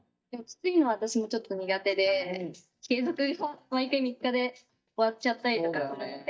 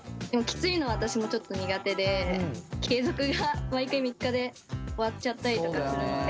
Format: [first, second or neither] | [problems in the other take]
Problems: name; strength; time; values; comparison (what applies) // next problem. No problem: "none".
second | noise reduction (neural mask model DeepFilterNet 3)